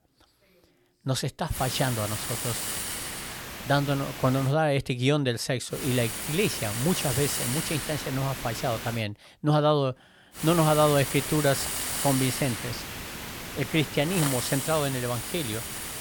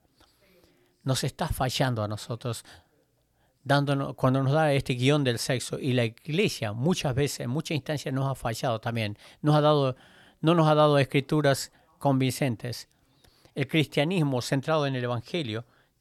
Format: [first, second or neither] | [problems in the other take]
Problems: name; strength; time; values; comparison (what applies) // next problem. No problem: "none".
second | hiss; loud; from 1.5 to 4.5 s, from 5.5 to 9 s and from 10 s on; 4 dB below the speech